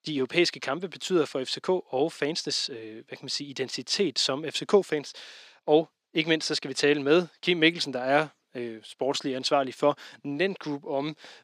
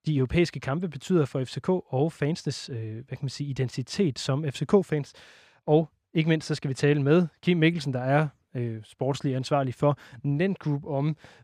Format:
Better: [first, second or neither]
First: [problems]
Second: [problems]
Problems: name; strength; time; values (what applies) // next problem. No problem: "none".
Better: second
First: thin; somewhat; fading below 250 Hz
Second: none